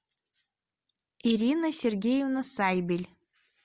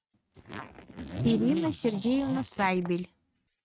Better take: first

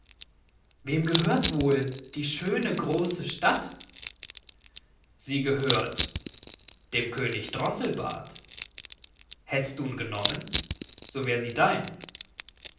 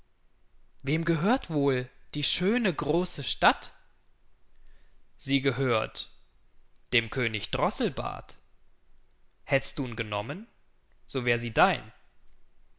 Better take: second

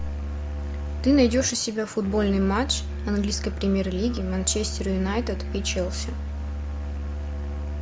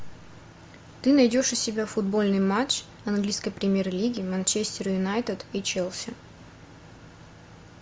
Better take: second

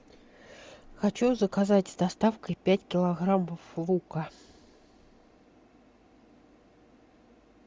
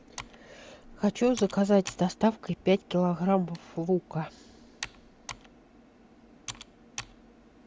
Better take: first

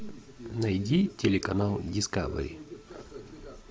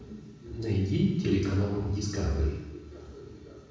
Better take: first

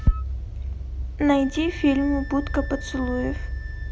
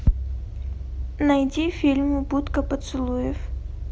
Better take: second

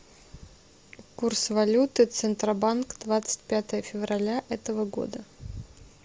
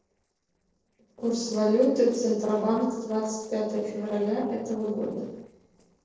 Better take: first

